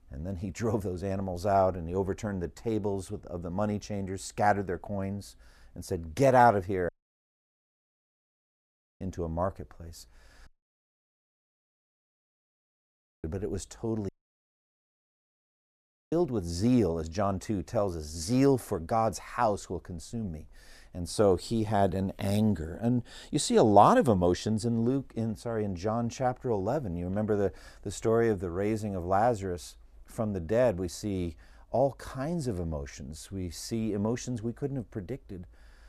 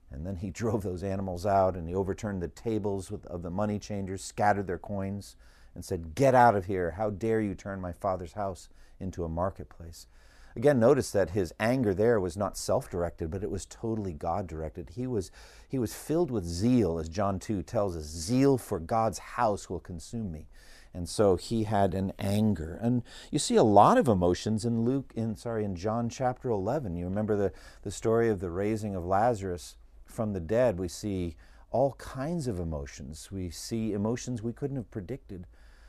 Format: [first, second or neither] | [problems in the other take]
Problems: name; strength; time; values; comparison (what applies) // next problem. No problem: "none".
second | audio cutting out; at 7 s for 2 s, at 10 s for 3 s and at 14 s for 2 s